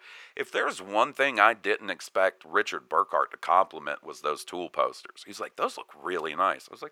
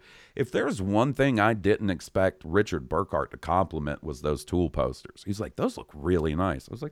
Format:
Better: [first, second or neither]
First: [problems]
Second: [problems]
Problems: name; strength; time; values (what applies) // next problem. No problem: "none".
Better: second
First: thin; very; fading below 650 Hz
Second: none